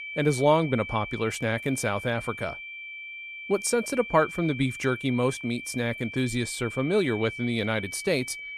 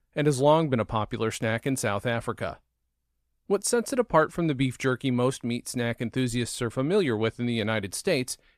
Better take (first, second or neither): second